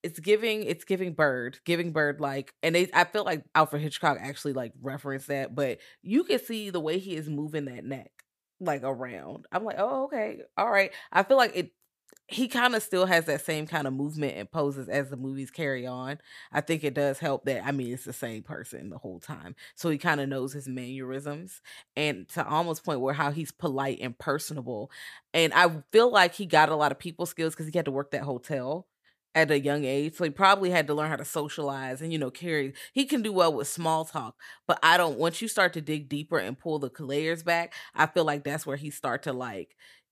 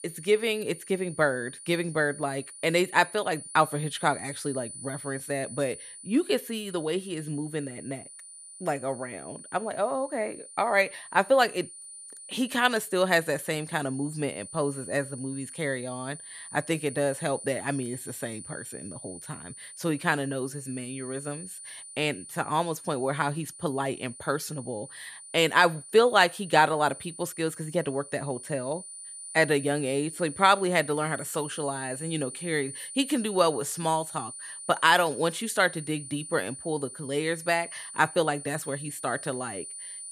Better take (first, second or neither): first